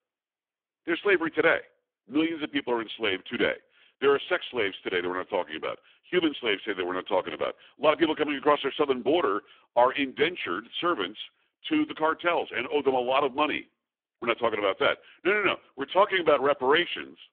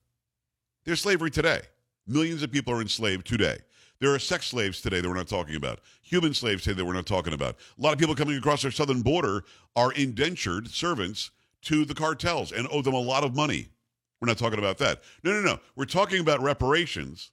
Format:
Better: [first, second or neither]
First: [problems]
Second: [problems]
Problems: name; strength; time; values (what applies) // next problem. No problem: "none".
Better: second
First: phone-call audio; poor line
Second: none